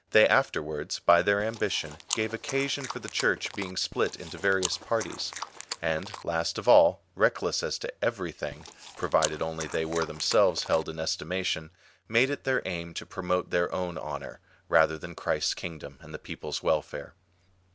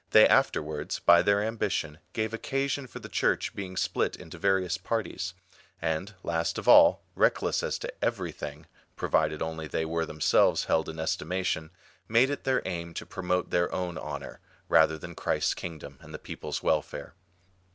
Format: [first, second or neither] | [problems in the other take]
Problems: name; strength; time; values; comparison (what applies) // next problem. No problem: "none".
second | background sound (Chewing, mastication); 11 dB below the speech